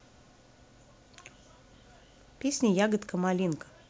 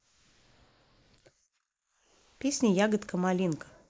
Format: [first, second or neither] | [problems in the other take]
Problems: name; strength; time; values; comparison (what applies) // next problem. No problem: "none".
first | noise reduction (neural mask model Resemble Enhance denoiser)